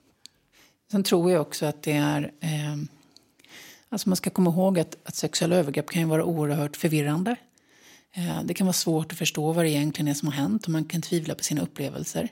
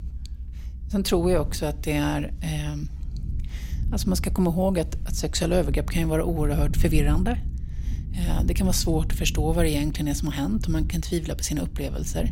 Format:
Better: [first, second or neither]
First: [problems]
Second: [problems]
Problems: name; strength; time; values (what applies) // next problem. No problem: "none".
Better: first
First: none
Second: low rumble; noticeable; throughout; 20 dB below the speech